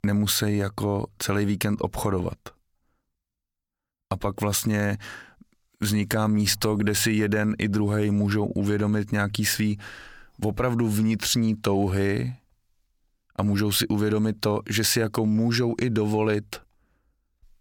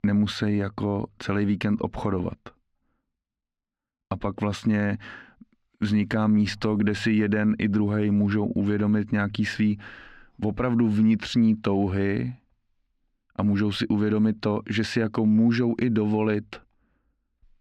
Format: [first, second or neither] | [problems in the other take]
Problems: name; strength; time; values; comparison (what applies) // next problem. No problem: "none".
first | muffled; slightly; fading above 3 kHz